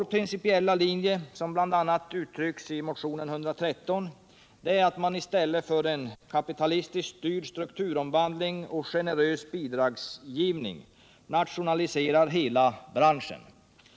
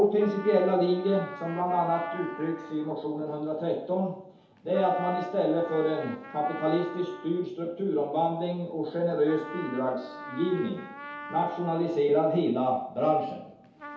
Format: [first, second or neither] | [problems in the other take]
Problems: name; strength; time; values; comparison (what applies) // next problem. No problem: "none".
first | background sound (Trumpet); 16 dB below the speech // room echo; dies away in 0.8 s